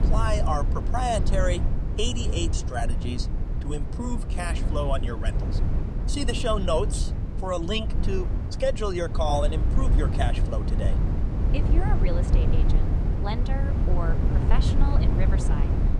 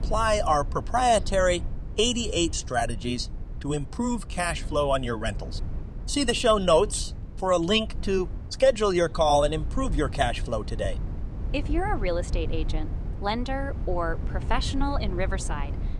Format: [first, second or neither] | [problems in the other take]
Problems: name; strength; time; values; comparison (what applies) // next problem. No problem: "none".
second | low rumble; loud; throughout; 7 dB below the speech; faint in the second